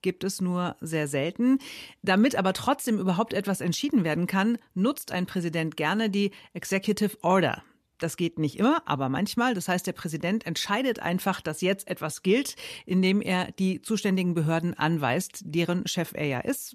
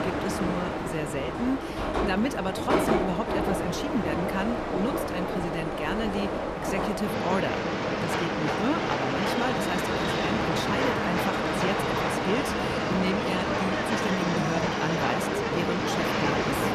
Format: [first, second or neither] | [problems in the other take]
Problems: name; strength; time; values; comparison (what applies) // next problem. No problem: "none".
first | train or aircraft noise; very loud; throughout; 4 dB above the speech